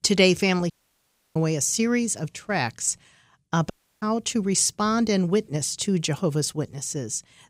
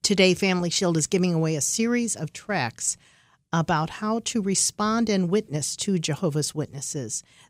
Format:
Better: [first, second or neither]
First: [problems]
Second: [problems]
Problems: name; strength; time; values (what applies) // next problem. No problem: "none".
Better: second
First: audio cutting out; at 0.5 s for 0.5 s and at 3.5 s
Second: none